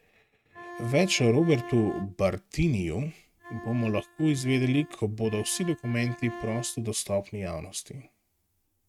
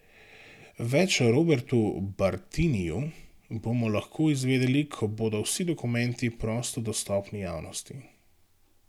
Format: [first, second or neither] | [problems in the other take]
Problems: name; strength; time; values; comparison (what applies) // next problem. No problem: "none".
second | noise reduction (neural mask model RNNoise)